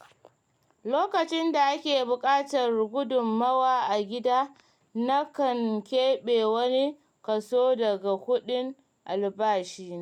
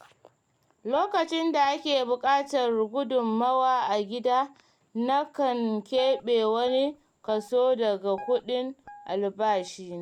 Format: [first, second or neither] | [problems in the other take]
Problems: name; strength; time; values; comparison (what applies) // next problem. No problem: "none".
first | background sound (Guitar); 20 dB below the speech